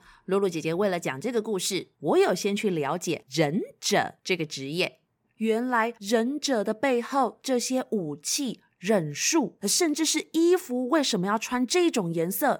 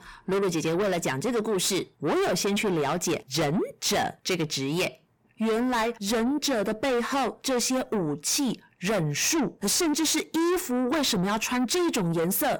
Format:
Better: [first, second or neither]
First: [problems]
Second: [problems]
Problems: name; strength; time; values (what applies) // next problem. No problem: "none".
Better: first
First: none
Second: distortion; heavy; 6 dB below the speech